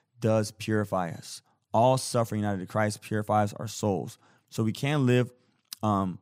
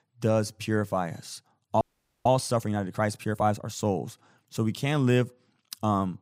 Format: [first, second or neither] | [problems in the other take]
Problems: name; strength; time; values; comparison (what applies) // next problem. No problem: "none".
first | audio freezing; at 2 s